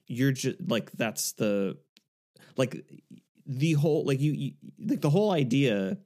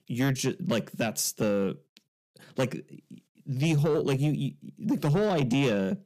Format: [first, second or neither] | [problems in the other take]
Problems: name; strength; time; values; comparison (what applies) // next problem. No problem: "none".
first | distortion; slight; 10 dB below the speech